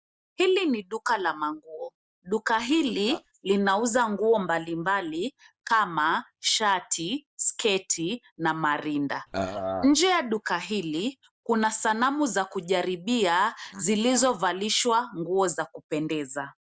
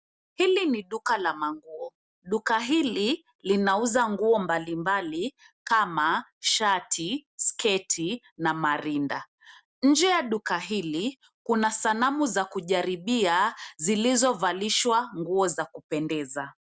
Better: second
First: noise reduction (neural mask model Resemble Enhance denoiser)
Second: none

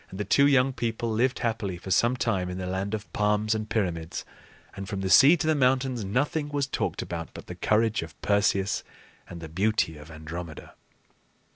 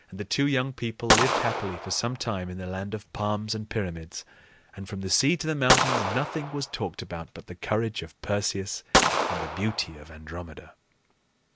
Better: first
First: none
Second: background sound (Gunshot, gunfire); 3 dB above the speech

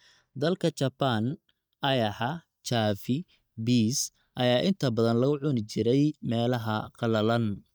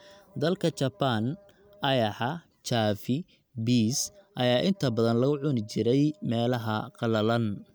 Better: second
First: noise reduction (neural mask model DeepFilterNet 3)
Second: none

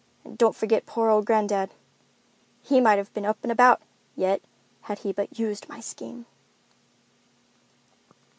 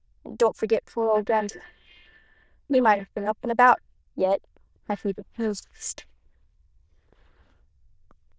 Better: first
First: none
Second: noise reduction (neural diffusion model UNIVERSE++)

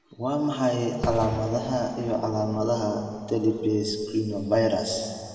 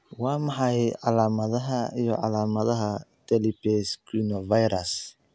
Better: second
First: background sound (Fireworks); 13 dB below the speech // room echo; dies away in 2.3 s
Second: none

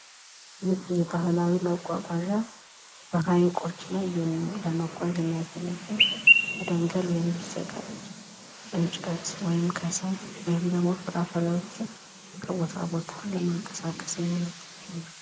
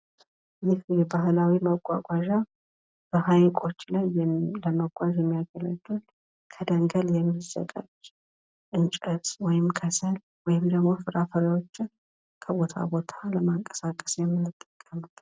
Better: second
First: noise reduction (neural mask model Resemble Enhance denoiser)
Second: none

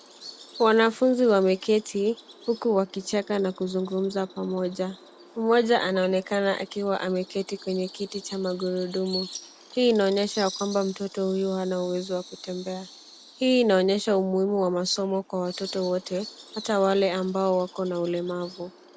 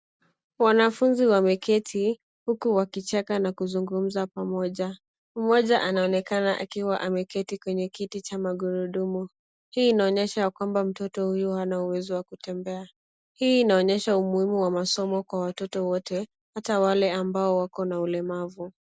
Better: second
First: background sound (Bird vocalization, bird call, bird song); 19 dB below the speech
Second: none

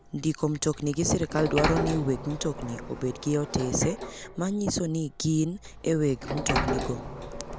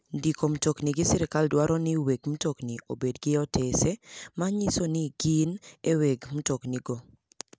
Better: second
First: background sound (Sliding door); 6 dB below the speech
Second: none

